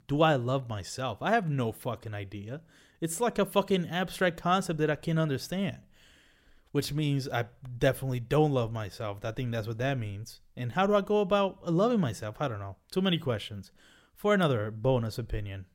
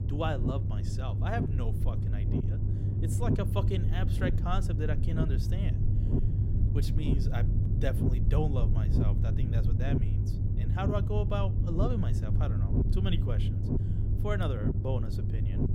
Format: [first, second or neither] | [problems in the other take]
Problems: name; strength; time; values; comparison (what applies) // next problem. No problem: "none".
first | low rumble; loud; throughout; 3 dB below the speech